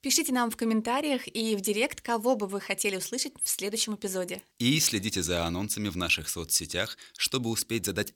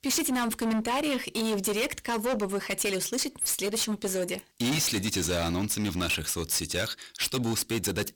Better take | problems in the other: first | distortion; heavy; 21% of the sound clipped

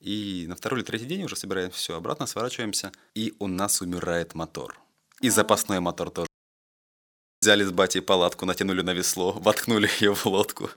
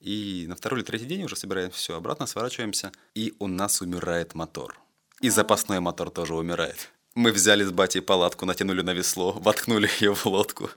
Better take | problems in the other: second | audio cutting out; at 6.5 s for 1 s

